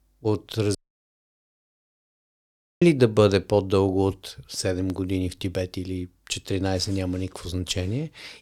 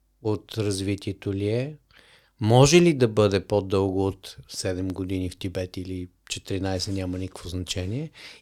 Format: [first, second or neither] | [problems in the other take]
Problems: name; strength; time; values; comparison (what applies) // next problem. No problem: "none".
second | audio cutting out; at 1 s for 2 s